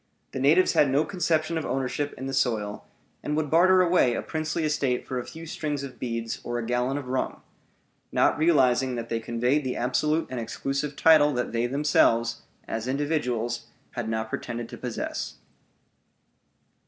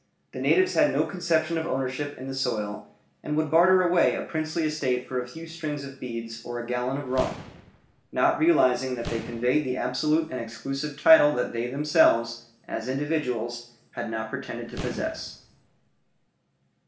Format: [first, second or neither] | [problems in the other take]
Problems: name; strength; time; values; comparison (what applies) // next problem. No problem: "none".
first | background sound (Boom); 15 dB below the speech // room echo; dies away in 0.5 s